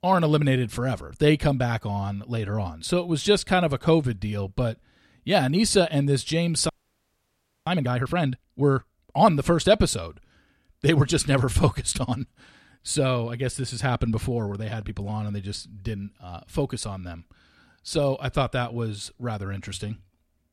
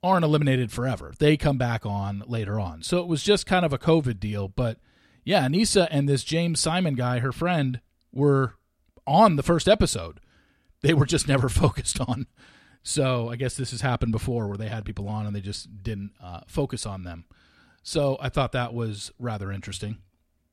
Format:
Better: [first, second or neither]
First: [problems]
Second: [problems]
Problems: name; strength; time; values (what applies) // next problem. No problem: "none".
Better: second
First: audio freezing; at 6.5 s for 1 s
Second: none